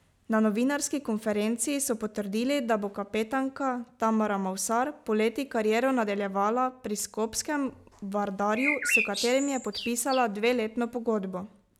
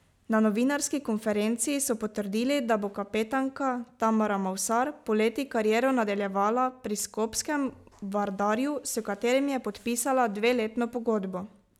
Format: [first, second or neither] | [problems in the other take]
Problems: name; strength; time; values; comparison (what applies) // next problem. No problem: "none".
second | background sound (Bird); 3 dB below the speech